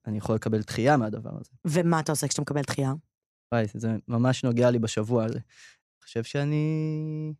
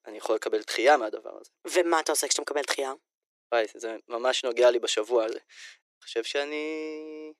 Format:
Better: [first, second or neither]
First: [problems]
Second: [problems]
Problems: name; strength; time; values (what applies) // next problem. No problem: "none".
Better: first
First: none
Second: thin; very; fading below 350 Hz